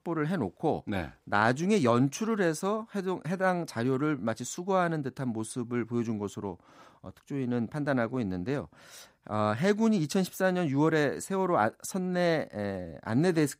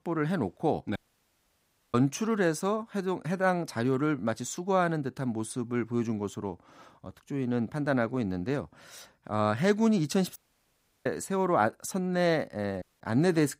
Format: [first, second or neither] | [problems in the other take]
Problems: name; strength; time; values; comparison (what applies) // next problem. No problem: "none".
first | audio cutting out; at 1 s for 1 s, at 10 s for 0.5 s and at 13 s